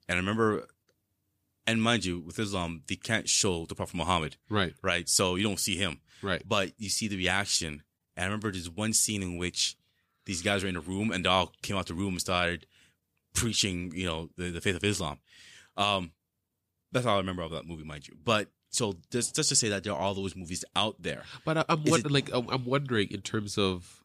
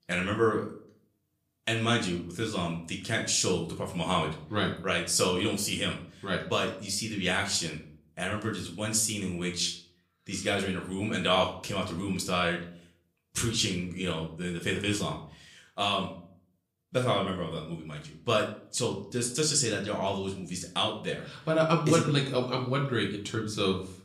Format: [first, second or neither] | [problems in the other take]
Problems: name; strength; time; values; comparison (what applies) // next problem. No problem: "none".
first | room echo; slight; dies away in 0.4 s // off-mic speech; somewhat distant